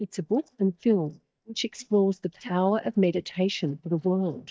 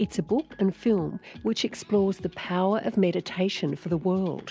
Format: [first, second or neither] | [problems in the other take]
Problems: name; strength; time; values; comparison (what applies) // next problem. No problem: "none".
second | noise reduction (neural mask model DeepFilterNet 3)